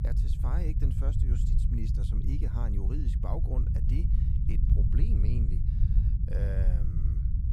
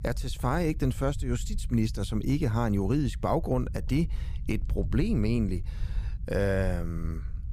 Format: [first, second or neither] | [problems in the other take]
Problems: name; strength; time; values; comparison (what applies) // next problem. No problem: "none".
second | low rumble; loud; throughout; as loud as the speech; faint in the second